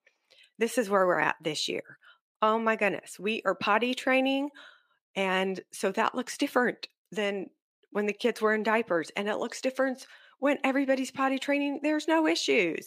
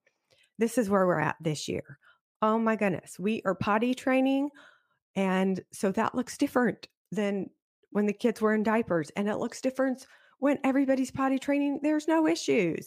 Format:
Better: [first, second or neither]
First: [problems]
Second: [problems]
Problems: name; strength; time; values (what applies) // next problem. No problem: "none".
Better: second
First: thin; very slightly; fading below 300 Hz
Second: none